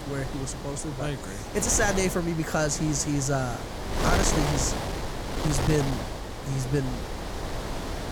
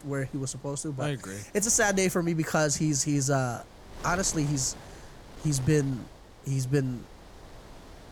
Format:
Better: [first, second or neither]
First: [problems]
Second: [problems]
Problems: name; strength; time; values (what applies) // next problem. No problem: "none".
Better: second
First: wind noise on the microphone; heavy; 4 dB below the speech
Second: wind noise on the microphone; occasional gusts; 20 dB below the speech